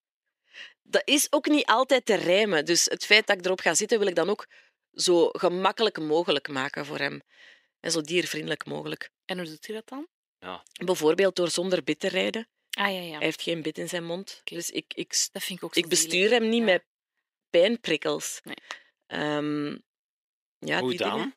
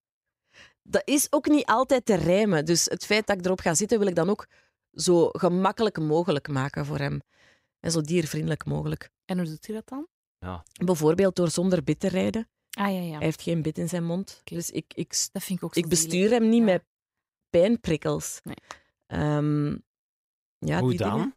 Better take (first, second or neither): second